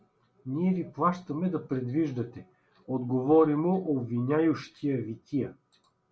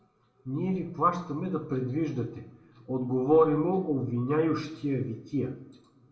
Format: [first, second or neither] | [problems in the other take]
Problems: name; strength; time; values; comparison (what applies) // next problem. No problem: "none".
first | room echo; dies away in 0.8 s